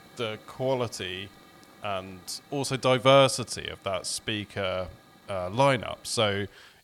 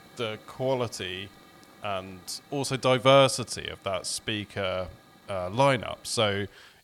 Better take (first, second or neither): neither